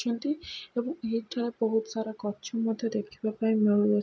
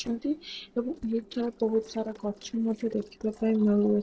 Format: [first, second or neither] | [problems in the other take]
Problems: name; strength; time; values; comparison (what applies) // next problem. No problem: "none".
first | noise reduction (neural separator model SepFormer DNS4)